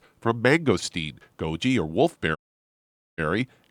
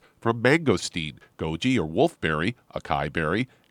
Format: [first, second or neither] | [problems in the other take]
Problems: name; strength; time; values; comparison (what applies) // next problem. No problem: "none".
second | audio cutting out; at 2.5 s for 1 s